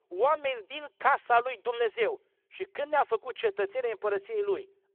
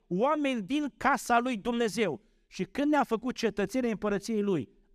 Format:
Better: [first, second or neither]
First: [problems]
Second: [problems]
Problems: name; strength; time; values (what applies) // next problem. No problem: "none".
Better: second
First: phone-call audio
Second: none